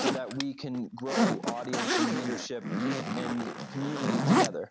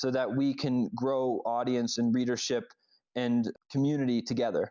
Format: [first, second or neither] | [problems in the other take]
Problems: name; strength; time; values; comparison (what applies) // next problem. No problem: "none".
second | background sound (Zipper (clothing)); 5 dB above the speech